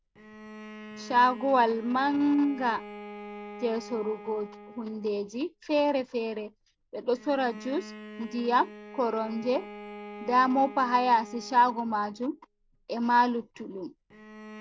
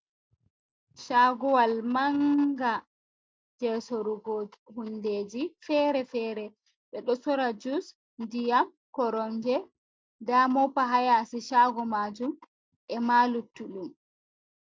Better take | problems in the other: second | background sound (Bowed string instrument); 16 dB below the speech

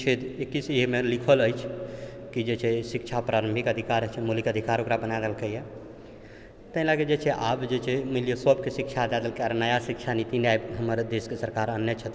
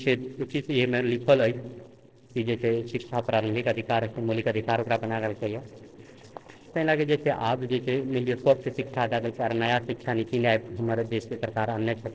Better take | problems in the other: first | noise reduction (neural separator model SepFormer DNS4)

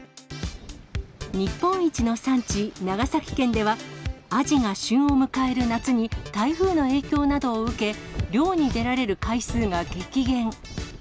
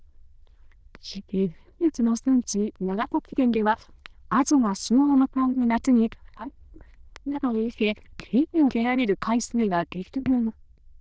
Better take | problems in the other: first | noise reduction (neural diffusion model UNIVERSE++)

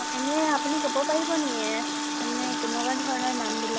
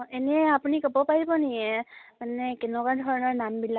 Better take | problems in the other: second | background sound (Wind instrument, woodwind instrument + Water tap, faucet); as loud as the speech

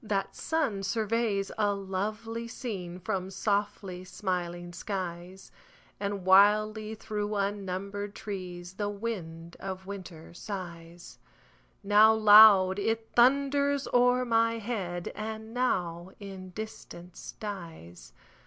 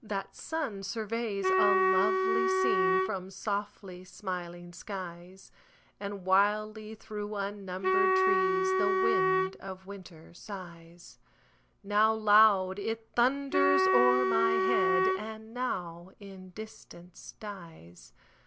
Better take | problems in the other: first | background sound (Wind instrument, woodwind instrument); 4 dB above the speech

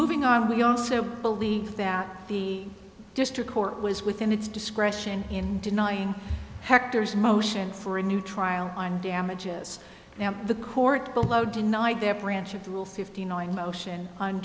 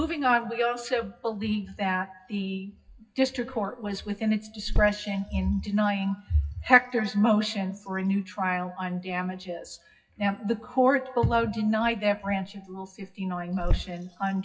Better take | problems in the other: first | noise reduction (classical method WPE with log-MMSE)

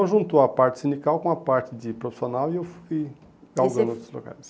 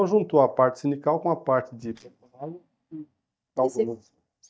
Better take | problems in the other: first | noise reduction (neural mask model DeepFilterNet 3)

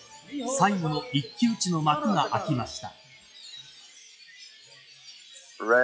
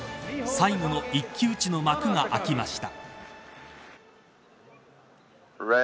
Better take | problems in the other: second | noise reduction (classical method log-MMSE)

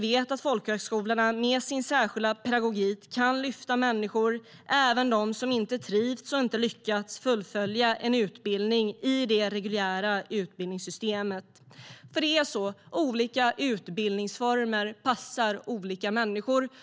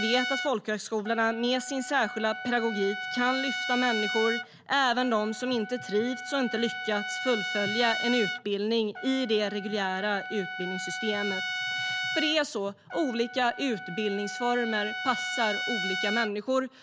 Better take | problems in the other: first | background sound (Trumpet); 6 dB below the speech

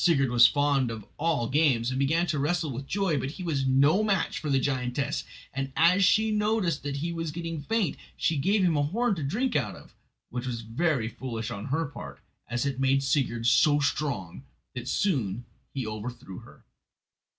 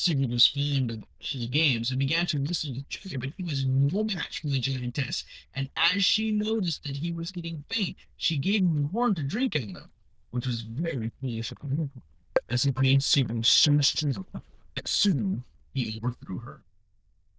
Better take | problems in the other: first | noise reduction (neural diffusion model UNIVERSE++)

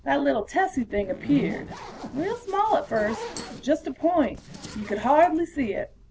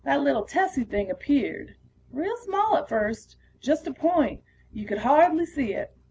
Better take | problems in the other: second | background sound (Zipper (clothing)); 14 dB below the speech

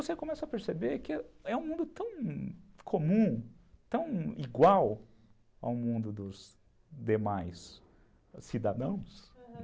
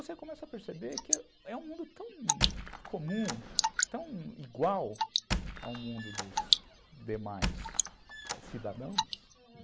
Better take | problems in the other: first | background sound (Squeak + Drip / Water); 4 dB above the speech

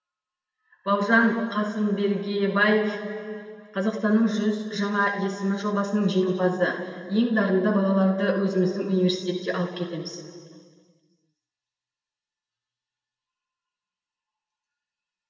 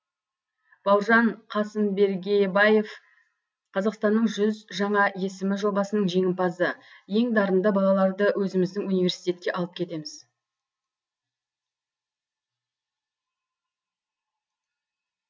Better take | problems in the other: second | room echo; dies away in 2.3 s

